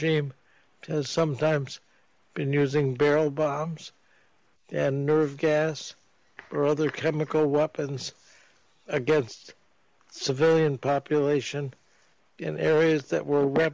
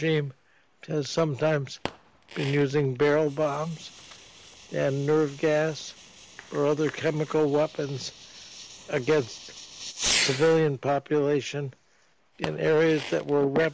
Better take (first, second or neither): first